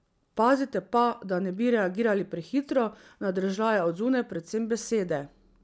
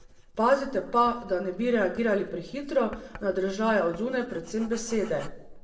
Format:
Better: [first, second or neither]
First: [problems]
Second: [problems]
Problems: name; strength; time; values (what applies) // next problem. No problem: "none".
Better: first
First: none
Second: background sound (Writing); 17 dB below the speech // room echo; dies away in 0.6 s